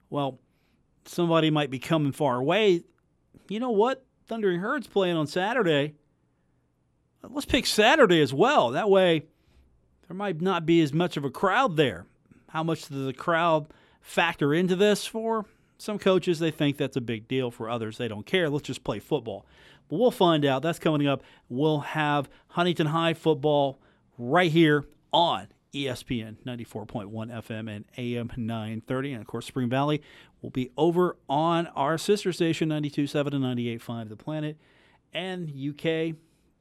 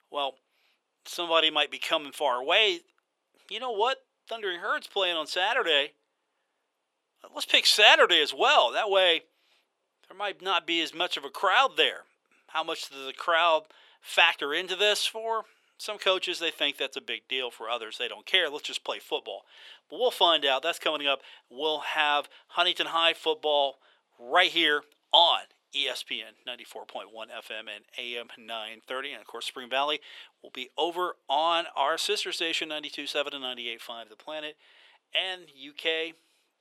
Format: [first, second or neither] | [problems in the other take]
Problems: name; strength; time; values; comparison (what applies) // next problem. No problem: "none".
first | thin; very; fading below 550 Hz